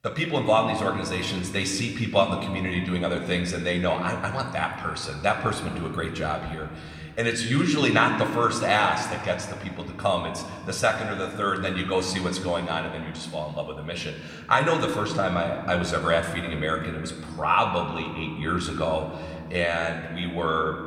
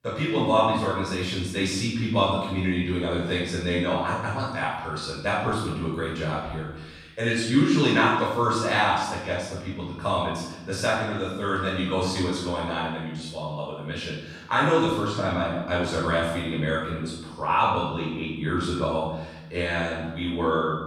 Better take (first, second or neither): first